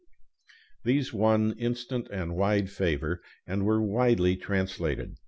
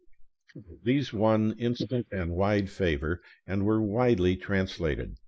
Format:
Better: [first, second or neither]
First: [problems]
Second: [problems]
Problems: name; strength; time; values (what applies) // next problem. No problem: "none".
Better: first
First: none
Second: noise reduction (neural mask model Resemble Enhance denoiser)